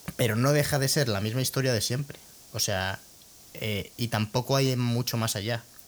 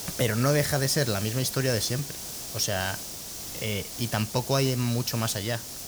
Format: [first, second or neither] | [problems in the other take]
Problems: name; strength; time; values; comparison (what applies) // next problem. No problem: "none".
first | hiss; loud; throughout; 8 dB below the speech; faint in the first